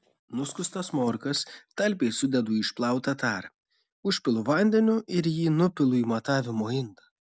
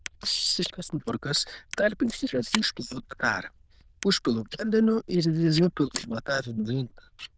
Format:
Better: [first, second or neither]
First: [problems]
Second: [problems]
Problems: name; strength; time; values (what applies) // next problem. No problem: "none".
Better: first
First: none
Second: noise reduction (neural diffusion model UNIVERSE++)